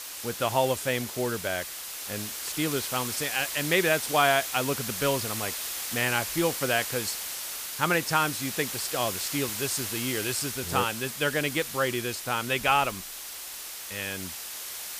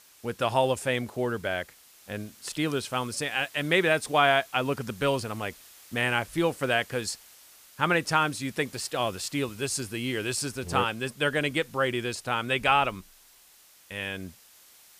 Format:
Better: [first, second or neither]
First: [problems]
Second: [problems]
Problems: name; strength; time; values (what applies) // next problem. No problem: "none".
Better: second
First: hiss; loud; throughout; 5 dB below the speech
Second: hiss; faint; throughout; 25 dB below the speech